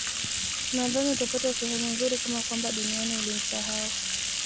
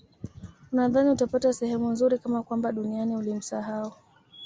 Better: second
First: background sound (Bathtub (filling or washing)); 2 dB above the speech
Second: none

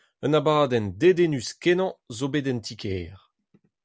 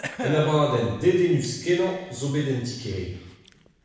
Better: first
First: none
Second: background sound (Chewing, mastication / Cough); 16 dB below the speech // room echo; dies away in 1 s

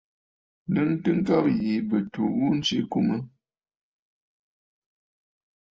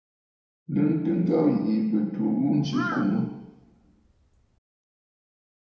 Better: first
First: none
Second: background sound (Crow); 12 dB below the speech // room echo; dies away in 1 s

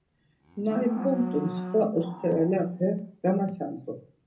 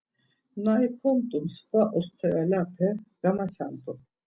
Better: second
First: background sound (Livestock, farm animals, working animals); 10 dB below the speech // room echo; dies away in 0.3 s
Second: none

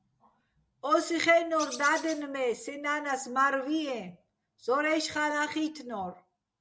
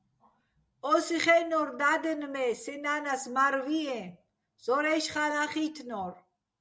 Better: second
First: background sound (Bird); 12 dB below the speech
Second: none

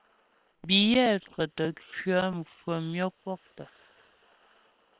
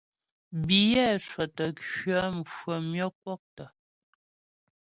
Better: second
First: noise reduction (neural separator model SepFormer WHAM!)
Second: none

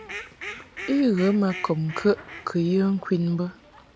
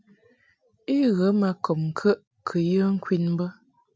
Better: second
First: background sound (Fowl); 16 dB below the speech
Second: none

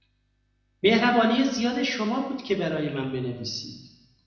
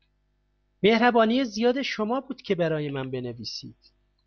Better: second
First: room echo; dies away in 0.9 s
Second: none

